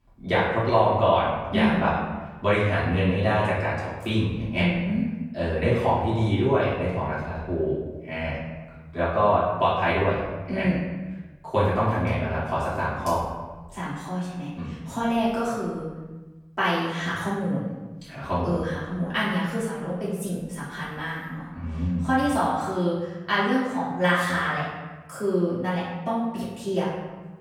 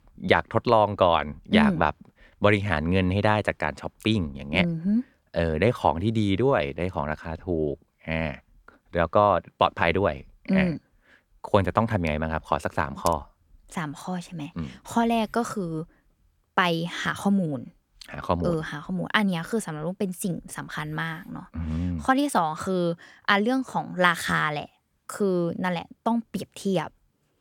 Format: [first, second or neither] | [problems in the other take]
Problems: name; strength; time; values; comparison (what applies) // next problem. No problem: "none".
second | off-mic speech; far // room echo; noticeable; dies away in 1.1 s